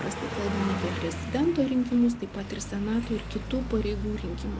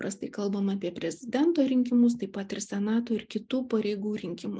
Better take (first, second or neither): second